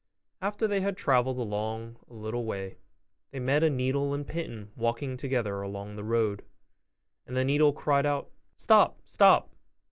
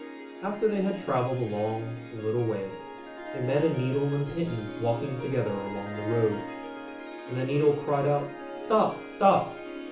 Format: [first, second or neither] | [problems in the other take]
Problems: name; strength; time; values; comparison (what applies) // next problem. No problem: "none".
first | background sound (Harp); 11 dB below the speech // room echo; dies away in 0.7 s